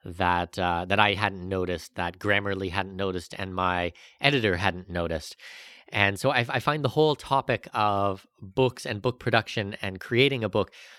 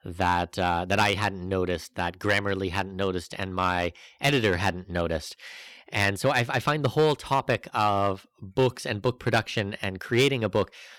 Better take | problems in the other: first | distortion; slight; 2% of the sound clipped

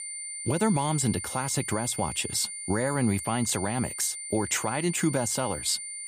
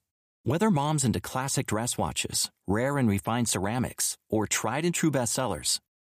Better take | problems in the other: second | high-pitched whine; loud; throughout; 9 kHz, 6 dB below the speech

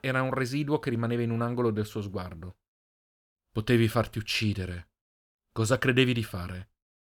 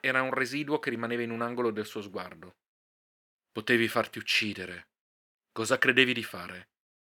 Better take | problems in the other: first | thin; somewhat; fading below 250 Hz

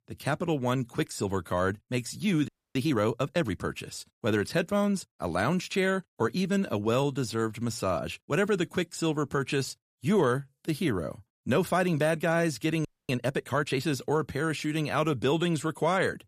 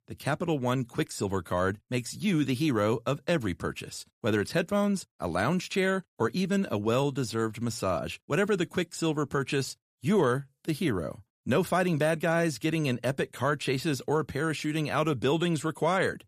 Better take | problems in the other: second | audio freezing; at 2.5 s and at 13 s

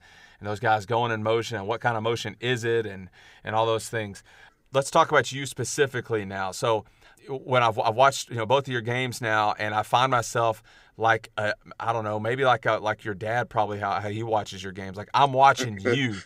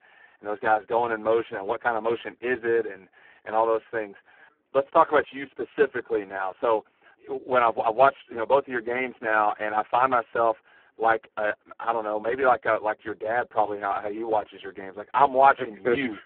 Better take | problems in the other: first | phone-call audio; poor line

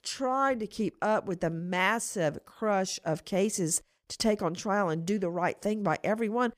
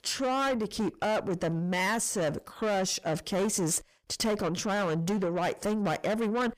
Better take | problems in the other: first | distortion; heavy; 7 dB below the speech

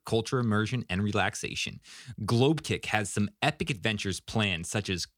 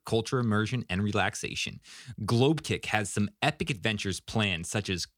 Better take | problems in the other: neither | none

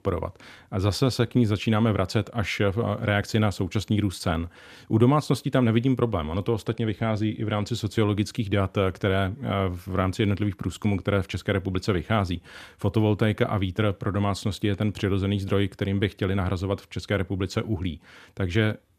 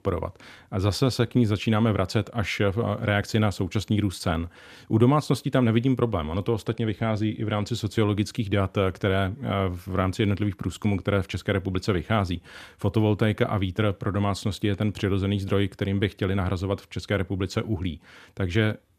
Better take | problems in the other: neither | none

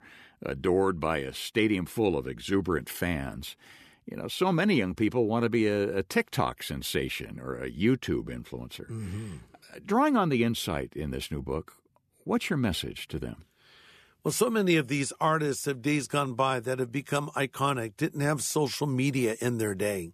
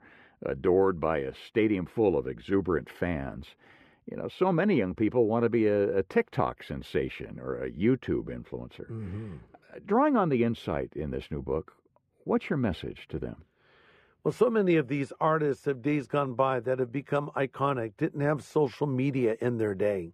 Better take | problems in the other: first | muffled; very; fading above 3.5 kHz

